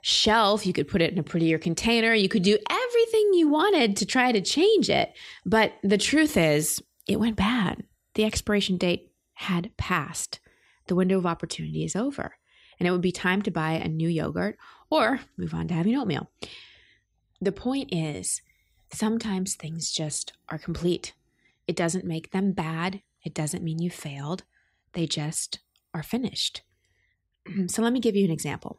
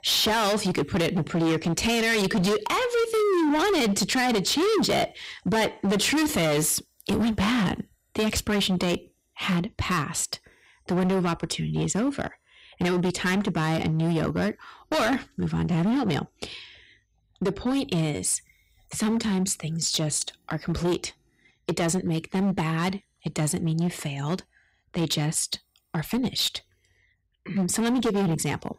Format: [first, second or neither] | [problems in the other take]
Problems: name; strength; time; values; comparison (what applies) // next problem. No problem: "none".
first | distortion; heavy; 18% of the sound clipped